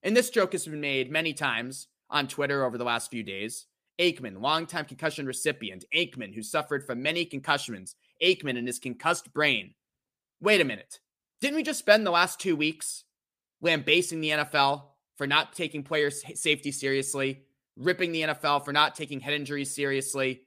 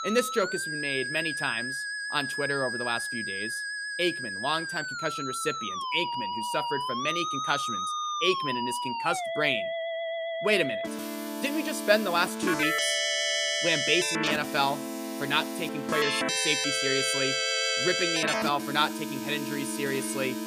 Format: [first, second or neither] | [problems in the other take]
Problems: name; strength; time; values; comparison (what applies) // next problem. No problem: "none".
first | background music; loud; throughout; as loud as the speech